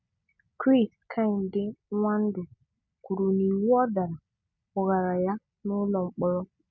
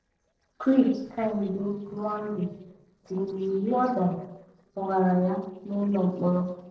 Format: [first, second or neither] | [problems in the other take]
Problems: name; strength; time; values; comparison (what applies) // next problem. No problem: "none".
first | noise reduction (neural separator model SepFormer DNS4)